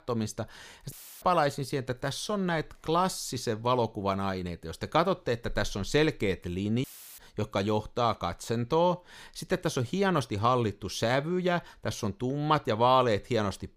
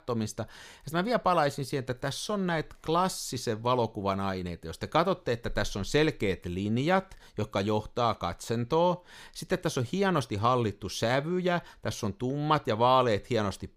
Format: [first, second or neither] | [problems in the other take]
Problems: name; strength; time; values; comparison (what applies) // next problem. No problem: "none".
second | audio cutting out; filled with static; at 1 s and at 7 s